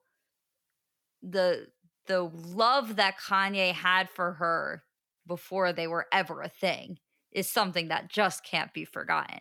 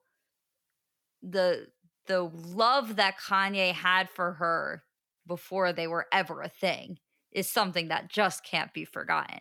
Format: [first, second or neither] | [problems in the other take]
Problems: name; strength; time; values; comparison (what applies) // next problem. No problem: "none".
neither | none